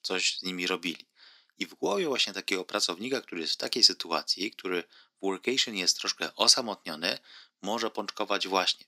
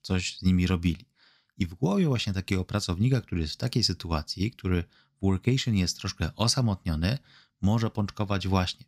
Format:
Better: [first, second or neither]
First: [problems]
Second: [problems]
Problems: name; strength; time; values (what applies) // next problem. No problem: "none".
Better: second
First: thin; very; fading below 300 Hz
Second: none